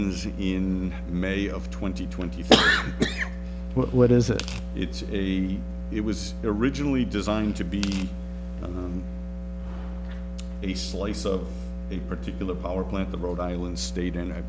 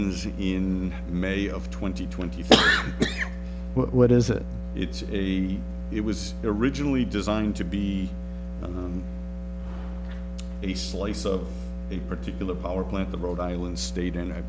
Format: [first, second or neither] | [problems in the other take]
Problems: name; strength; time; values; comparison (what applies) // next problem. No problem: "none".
second | background sound (Tearing); 18 dB below the speech